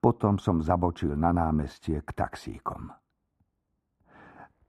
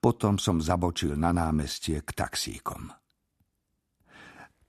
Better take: second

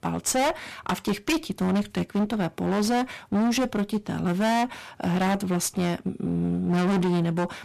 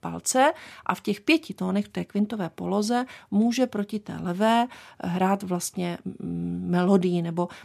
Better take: second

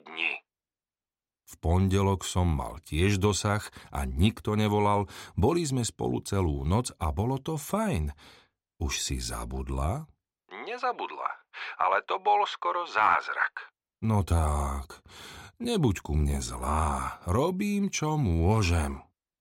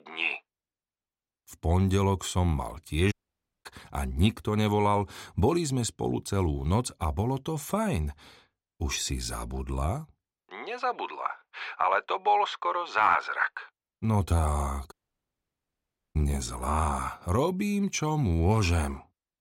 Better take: first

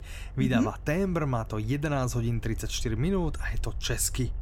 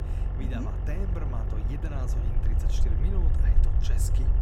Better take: first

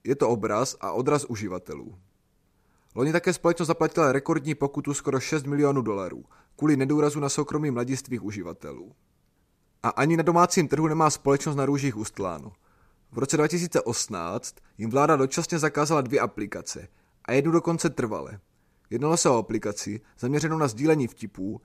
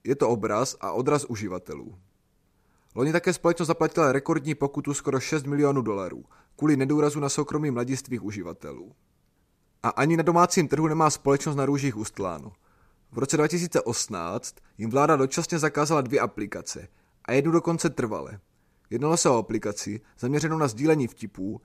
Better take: neither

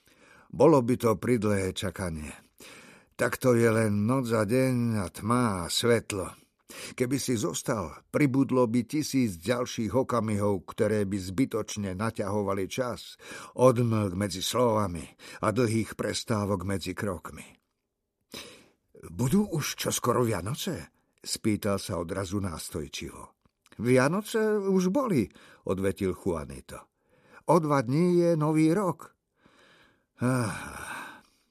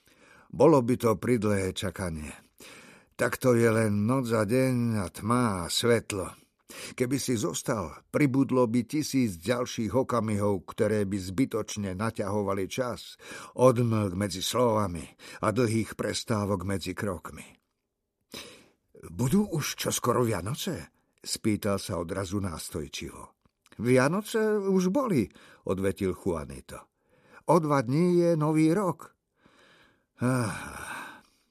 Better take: neither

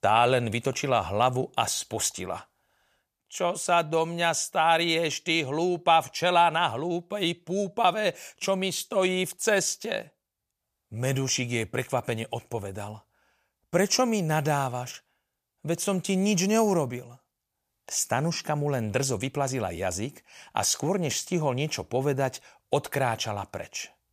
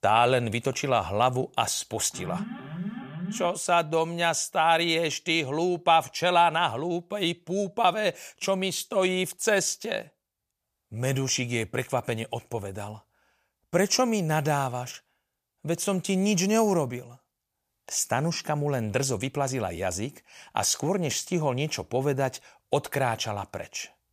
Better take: first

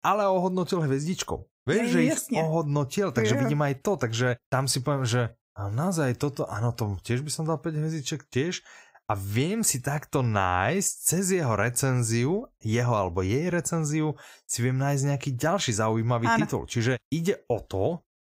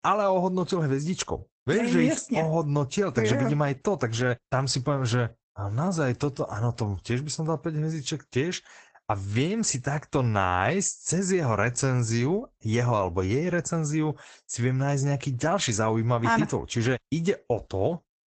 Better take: first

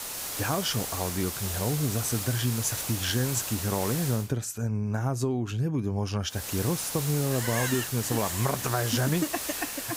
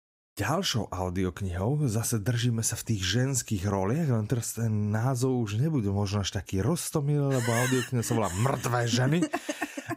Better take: second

